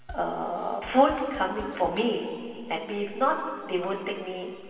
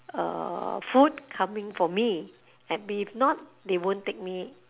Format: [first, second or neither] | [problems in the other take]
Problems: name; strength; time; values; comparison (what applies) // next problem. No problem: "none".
second | background sound (Bass drum / Snare drum / Drum kit); 19 dB below the speech // room echo; dies away in 2.6 s